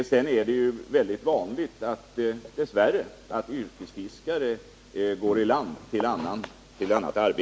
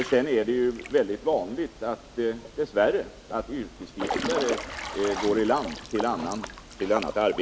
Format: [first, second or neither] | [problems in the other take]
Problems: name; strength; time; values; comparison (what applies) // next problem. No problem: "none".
first | background sound (Drip / Trickle, dribble / Water / Splash, splatter); 10 dB below the speech